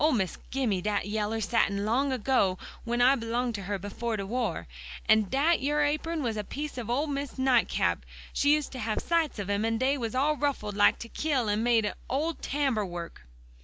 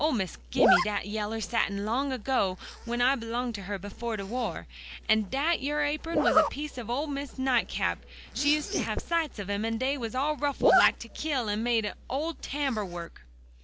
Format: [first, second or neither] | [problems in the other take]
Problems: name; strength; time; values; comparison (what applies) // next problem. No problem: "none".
first | background sound (Zipper (clothing)); 3 dB below the speech